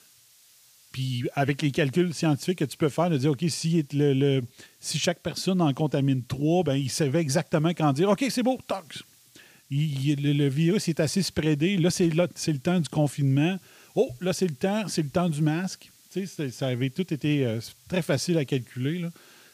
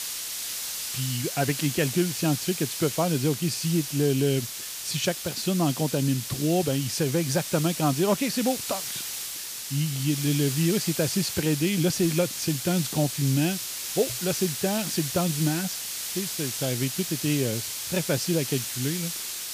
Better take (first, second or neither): first